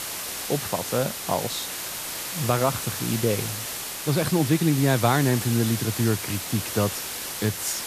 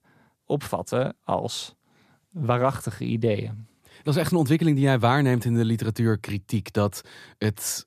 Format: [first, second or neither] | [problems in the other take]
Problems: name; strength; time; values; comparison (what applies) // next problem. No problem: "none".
second | hiss; loud; throughout; 5 dB below the speech